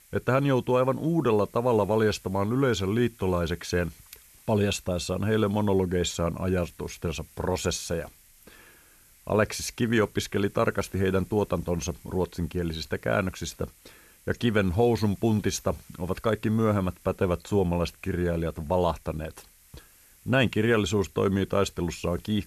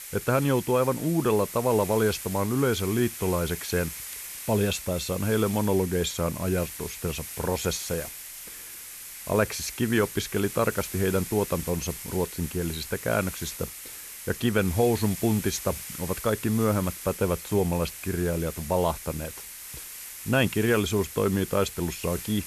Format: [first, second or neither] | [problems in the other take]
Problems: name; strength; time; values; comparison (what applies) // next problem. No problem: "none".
first | hiss; loud; throughout; 10 dB below the speech; faint in the first